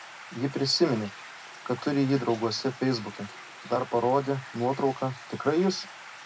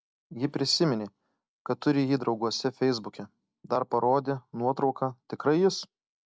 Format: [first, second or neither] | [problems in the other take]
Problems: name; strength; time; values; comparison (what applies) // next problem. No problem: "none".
second | background sound (Stream); 16 dB below the speech // room echo; dies away in 0.2 s